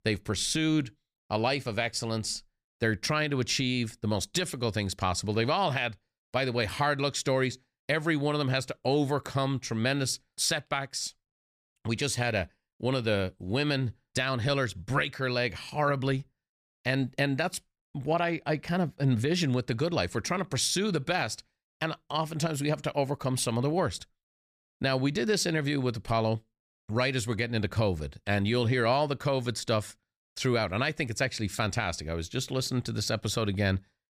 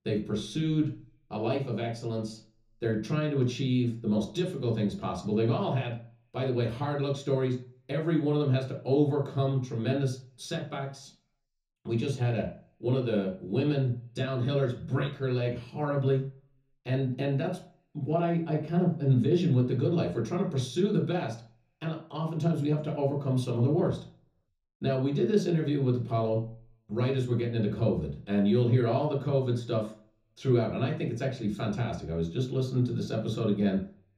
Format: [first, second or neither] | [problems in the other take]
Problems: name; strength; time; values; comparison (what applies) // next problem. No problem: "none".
first | room echo; noticeable; dies away in 0.6 s // off-mic speech; far